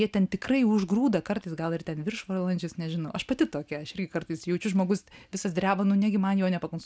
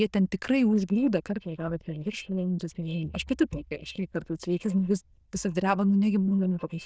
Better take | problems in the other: first | noise reduction (neural diffusion model UNIVERSE++)

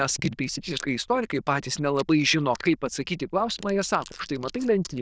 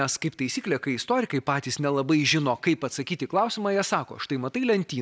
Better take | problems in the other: second | noise reduction (neural diffusion model UNIVERSE++)

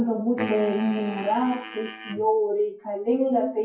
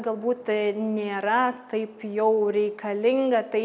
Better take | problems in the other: second | noise reduction (classical method WPE with log-MMSE)

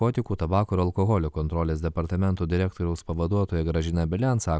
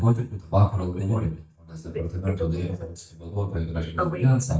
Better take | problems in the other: first | noise reduction (neural mask model DeepFilterNet 3)

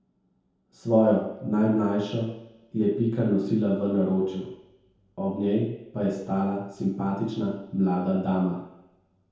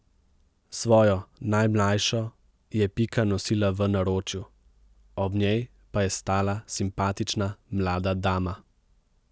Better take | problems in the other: second | room echo; dies away in 0.8 s

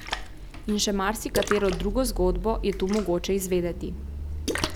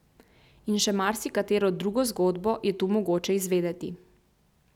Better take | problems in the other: second | background sound (Splash, splatter); 5 dB below the speech

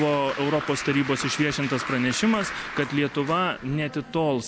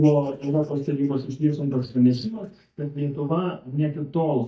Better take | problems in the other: first | noise reduction (neural mask model DeepFilterNet 3)

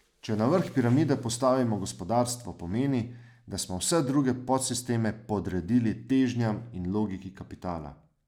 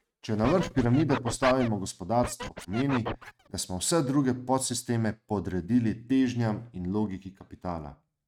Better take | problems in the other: first | noise reduction (neural mask model RNNoise)

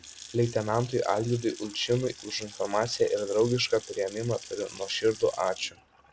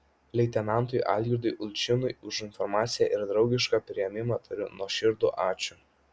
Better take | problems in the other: second | background sound (Sink (filling or washing) / Water tap, faucet / Splash, splatter); 17 dB below the speech

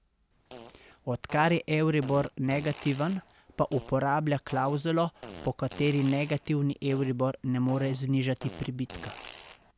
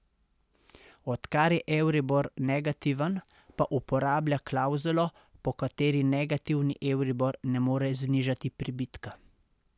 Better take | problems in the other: second | background sound (Fart); 18 dB below the speech

